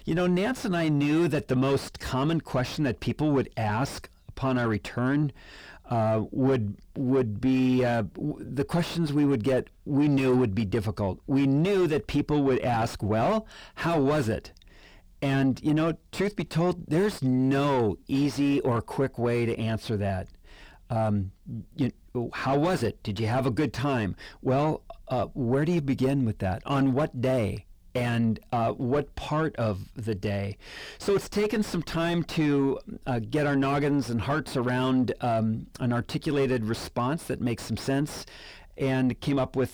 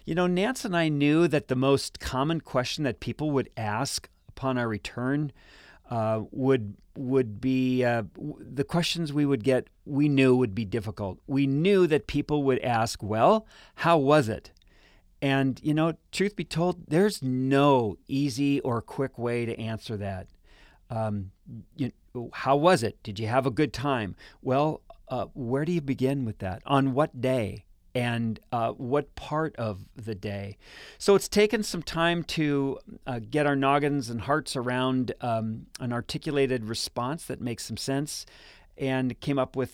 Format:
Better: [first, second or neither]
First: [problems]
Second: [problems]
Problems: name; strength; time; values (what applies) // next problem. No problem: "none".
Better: second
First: distortion; heavy; 6 dB below the speech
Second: none